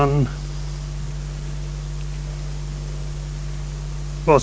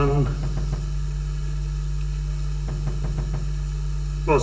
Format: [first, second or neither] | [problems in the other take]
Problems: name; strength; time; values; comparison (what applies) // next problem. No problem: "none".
first | background sound (Knock); 12 dB below the speech // room echo; dies away in 1 s